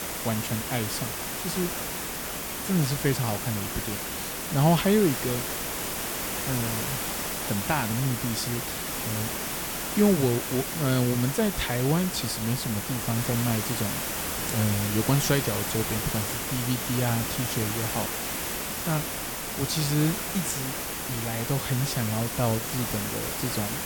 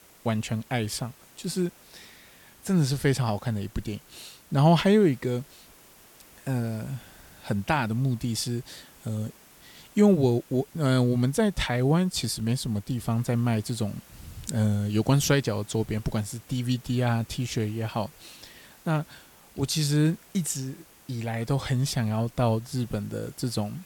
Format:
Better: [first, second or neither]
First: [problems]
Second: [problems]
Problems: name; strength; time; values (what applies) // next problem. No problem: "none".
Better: second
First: hiss; loud; throughout; 1 dB below the speech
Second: hiss; faint; throughout; 25 dB below the speech